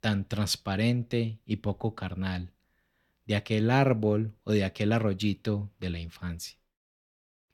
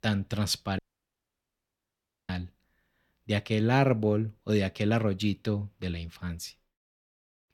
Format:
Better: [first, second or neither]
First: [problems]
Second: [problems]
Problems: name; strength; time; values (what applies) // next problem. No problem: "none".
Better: first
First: none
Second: audio cutting out; at 1 s for 1.5 s